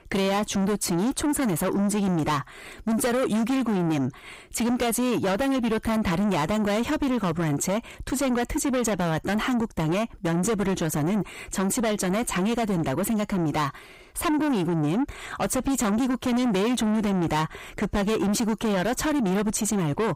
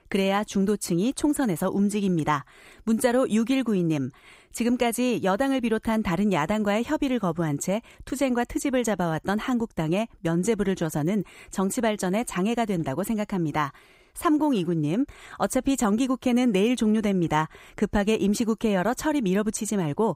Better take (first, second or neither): second